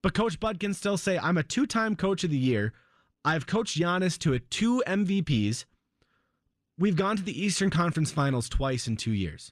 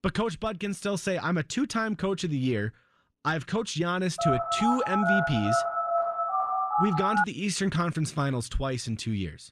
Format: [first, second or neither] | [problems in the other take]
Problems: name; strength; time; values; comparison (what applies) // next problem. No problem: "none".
first | phone ringing; loud; from 4 to 7 s; peak 4 dB above the speech